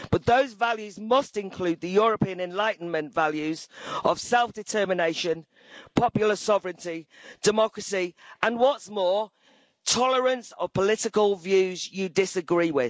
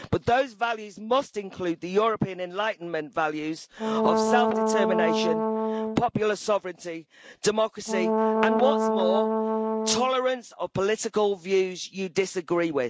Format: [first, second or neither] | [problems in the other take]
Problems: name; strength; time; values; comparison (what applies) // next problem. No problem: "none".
first | background sound (Brass instrument); 2 dB above the speech